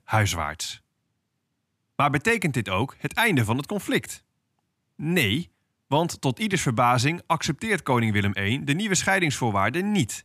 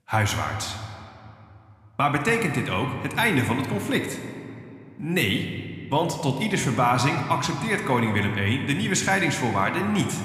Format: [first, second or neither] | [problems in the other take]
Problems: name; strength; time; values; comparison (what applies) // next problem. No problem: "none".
first | room echo; slight; dies away in 1.8 s